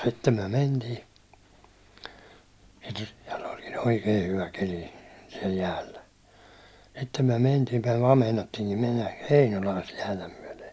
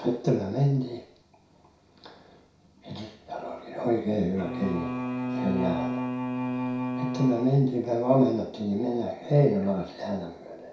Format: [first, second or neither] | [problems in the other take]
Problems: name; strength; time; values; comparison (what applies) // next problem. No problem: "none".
first | background sound (Bowed string instrument); 3 dB below the speech // room echo; dies away in 0.6 s